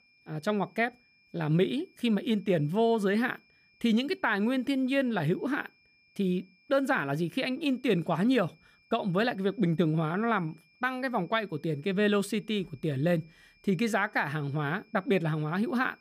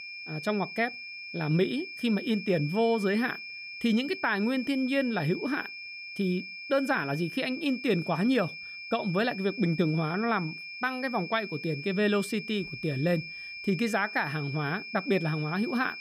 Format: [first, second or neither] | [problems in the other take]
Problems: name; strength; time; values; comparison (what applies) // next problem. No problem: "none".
first | high-pitched whine; loud; throughout; 2.5 kHz, 9 dB below the speech; faint in the first